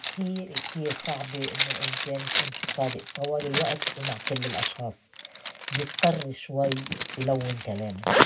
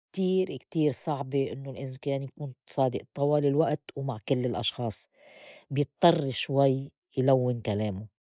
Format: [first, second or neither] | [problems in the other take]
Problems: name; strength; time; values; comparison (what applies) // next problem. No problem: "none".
second | background sound (Zipper (clothing)); as loud as the speech // room echo; dies away in 0.2 s